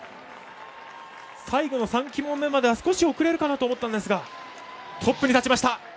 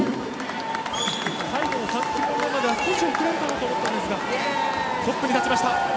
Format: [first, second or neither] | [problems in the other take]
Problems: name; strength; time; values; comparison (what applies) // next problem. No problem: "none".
first | background sound (Crowd / Cheering); 4 dB above the speech